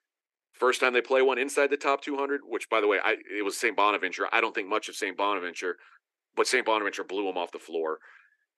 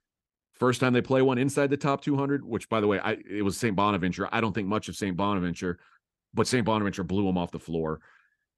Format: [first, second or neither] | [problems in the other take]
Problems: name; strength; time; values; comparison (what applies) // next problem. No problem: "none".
second | thin; very; fading below 350 Hz